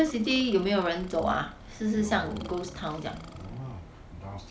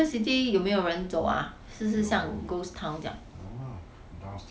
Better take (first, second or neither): second